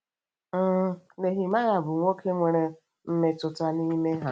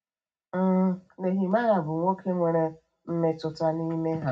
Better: first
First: none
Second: room echo; dies away in 0.4 s

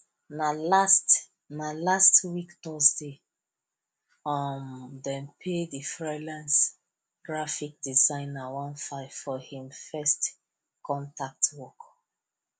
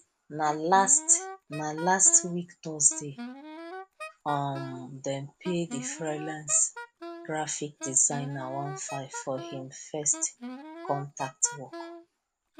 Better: first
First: none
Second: background sound (Wind instrument, woodwind instrument); 13 dB below the speech

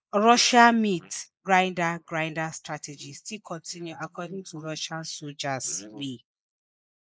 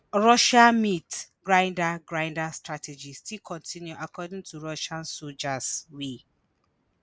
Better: second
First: noise reduction (neural mask model Resemble Enhance denoiser)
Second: none

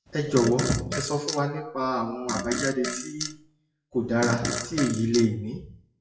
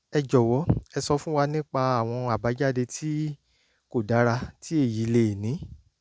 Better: second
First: noise reduction (classical method WPE with log-MMSE)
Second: none

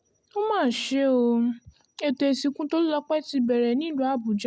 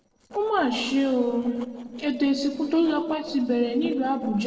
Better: first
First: none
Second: noise reduction (neural separator model SepFormer DNS4)

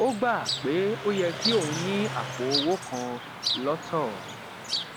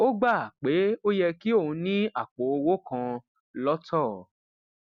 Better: second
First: background sound (Car passing by + Chirp, tweet); 4 dB below the speech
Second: none

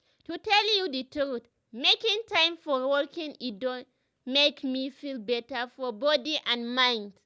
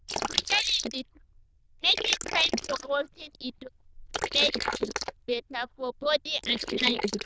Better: first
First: none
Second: noise reduction (neural diffusion model UNIVERSE++)

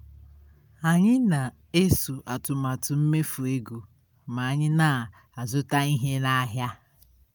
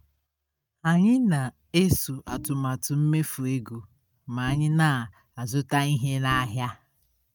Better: first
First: none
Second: noise reduction (neural mask model RNNoise)

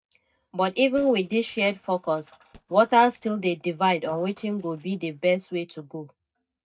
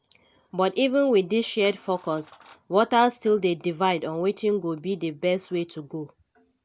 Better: second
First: noise reduction (neural mask model DeepFilterNet 3)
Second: none

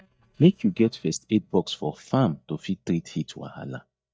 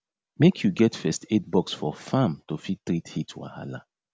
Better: second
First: noise reduction (neural mask model DeepFilterNet 3)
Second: none

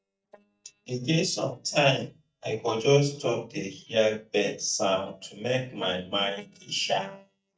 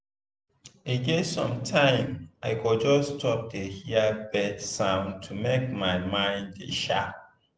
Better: second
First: noise reduction (neural mask model DeepFilterNet 3)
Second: none

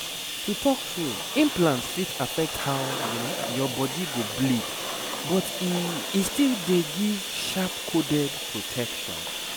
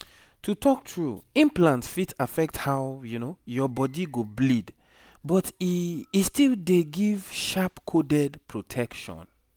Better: second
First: background sound (Skateboard + Bathtub (filling or washing)); 4 dB below the speech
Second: none

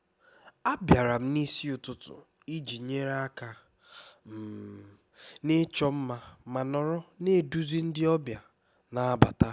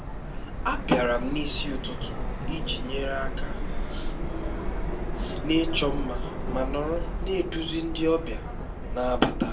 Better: first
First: none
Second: background sound (Subway, metro, underground); as loud as the speech // room echo; dies away in 0.2 s

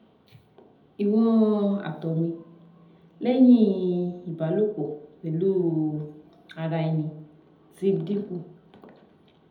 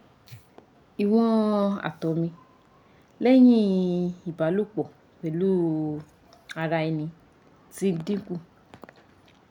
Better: second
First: room echo; dies away in 0.8 s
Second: none

